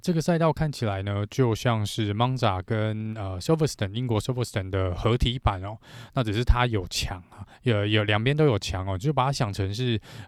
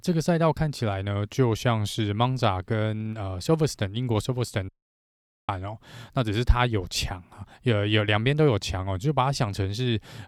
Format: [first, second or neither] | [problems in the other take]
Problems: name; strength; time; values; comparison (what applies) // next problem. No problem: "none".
first | audio cutting out; at 4.5 s for 1 s